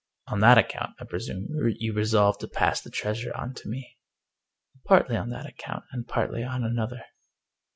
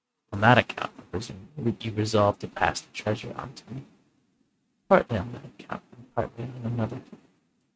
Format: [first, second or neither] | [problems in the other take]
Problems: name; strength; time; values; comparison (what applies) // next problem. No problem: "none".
first | noise reduction (neural mask model RNNoise)